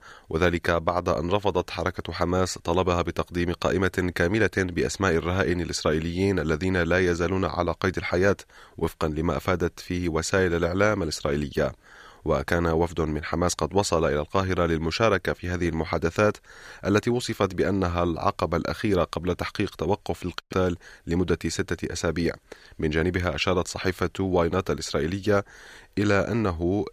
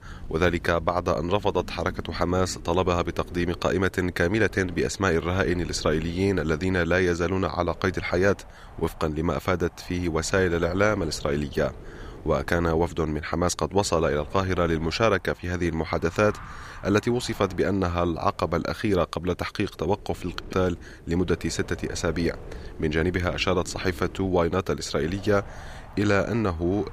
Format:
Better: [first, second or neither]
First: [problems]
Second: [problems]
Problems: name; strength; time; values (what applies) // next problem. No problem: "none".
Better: first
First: none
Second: wind noise on the microphone; occasional gusts; 20 dB below the speech